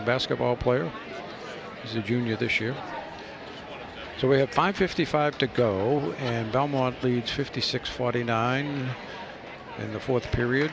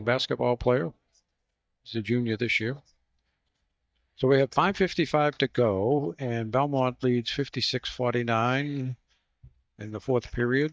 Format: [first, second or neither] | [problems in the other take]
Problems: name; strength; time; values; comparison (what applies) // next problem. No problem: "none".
first | noise reduction (neural mask model DeepFilterNet 3)